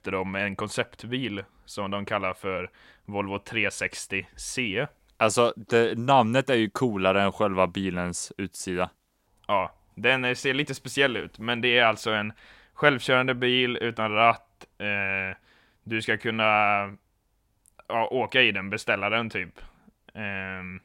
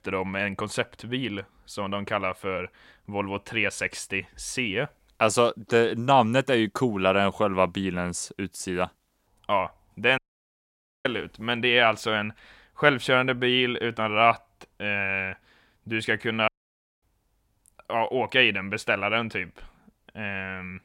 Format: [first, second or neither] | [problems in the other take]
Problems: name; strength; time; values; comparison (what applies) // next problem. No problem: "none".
first | audio cutting out; at 10 s for 1 s and at 16 s for 0.5 s